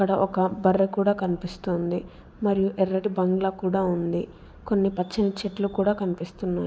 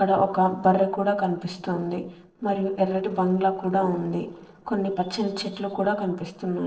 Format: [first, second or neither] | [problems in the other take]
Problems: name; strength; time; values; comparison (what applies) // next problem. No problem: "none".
first | noise reduction (neural separator model SepFormer DNS4)